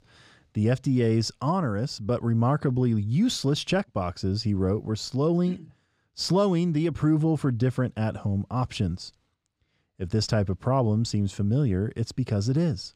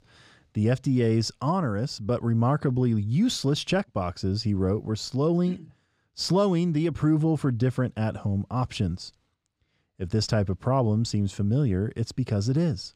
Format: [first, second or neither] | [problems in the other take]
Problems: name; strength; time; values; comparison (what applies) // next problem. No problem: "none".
neither | none